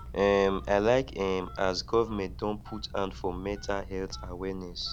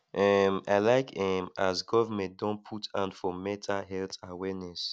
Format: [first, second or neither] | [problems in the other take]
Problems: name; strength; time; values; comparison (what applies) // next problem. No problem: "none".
second | background sound (Telephone); 13 dB below the speech